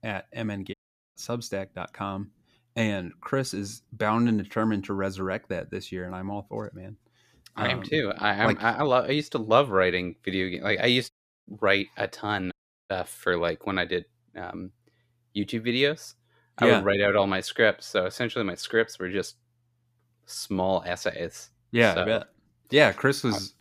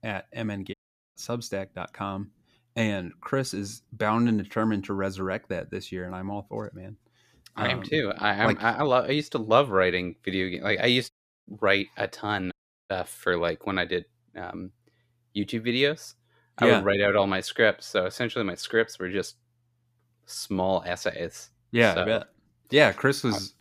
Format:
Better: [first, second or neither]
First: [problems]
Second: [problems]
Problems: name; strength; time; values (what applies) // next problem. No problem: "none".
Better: neither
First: audio cutting out; at 0.5 s, at 11 s and at 13 s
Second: audio cutting out; at 0.5 s, at 11 s and at 13 s